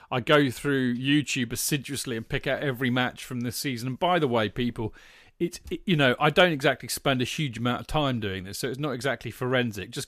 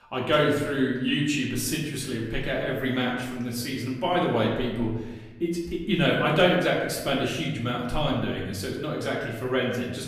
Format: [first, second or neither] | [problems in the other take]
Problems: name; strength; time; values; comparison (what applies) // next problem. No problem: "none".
first | room echo; noticeable; dies away in 1 s // off-mic speech; far